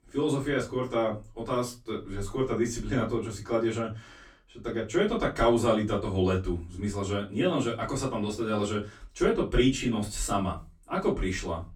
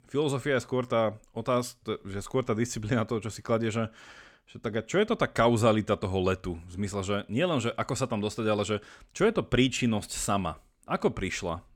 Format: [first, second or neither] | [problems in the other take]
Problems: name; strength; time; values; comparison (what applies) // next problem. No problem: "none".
second | off-mic speech; far // room echo; very slight; dies away in 0.2 s